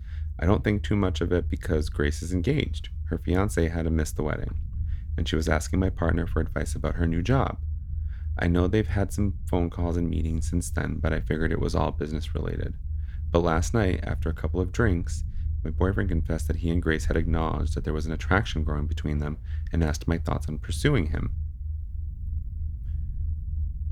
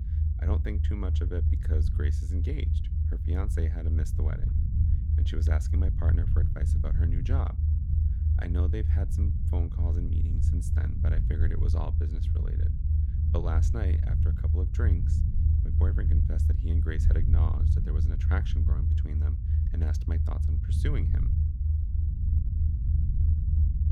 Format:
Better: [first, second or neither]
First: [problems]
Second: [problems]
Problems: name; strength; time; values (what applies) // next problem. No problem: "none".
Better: first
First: low rumble; faint; throughout; 20 dB below the speech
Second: low rumble; loud; throughout; 1 dB below the speech